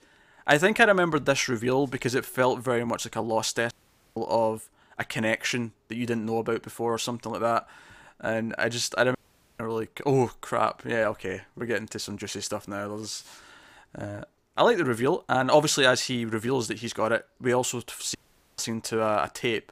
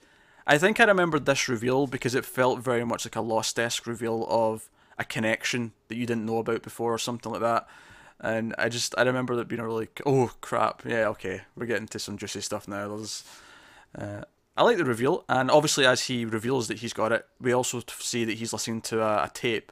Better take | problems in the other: second | audio cutting out; at 3.5 s, at 9 s and at 18 s

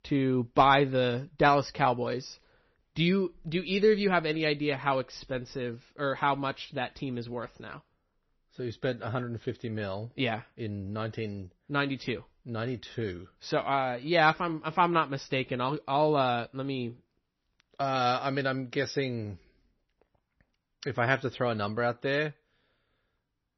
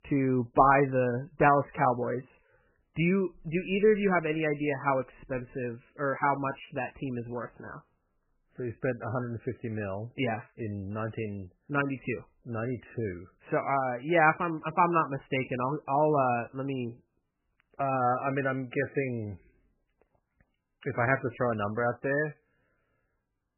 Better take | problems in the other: first | garbled, watery; badly; nothing above 3 kHz; slightly in the first

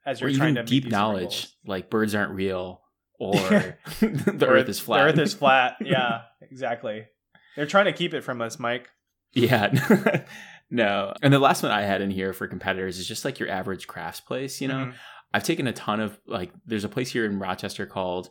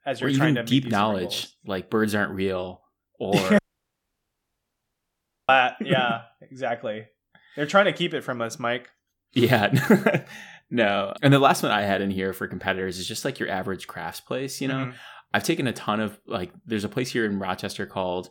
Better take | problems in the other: first | audio cutting out; at 3.5 s for 2 s

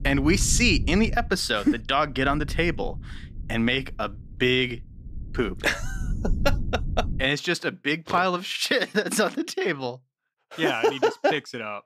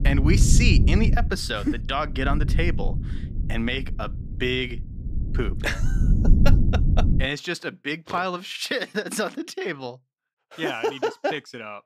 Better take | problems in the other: first | low rumble; loud; until 7.5 s; 10 dB below the speech; faint in the first

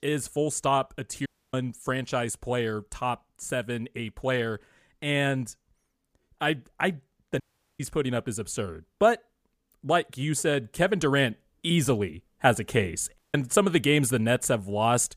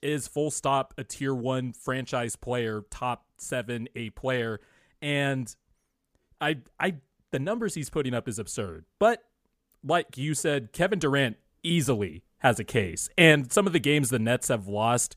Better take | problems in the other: second | audio cutting out; at 1.5 s, at 7.5 s and at 13 s

